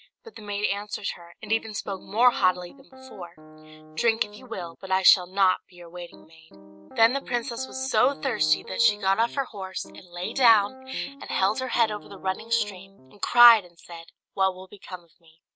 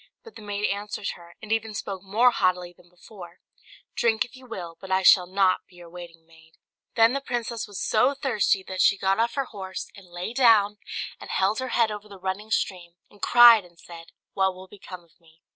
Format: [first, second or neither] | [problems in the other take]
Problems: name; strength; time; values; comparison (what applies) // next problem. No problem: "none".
second | background sound (Piano); 18 dB below the speech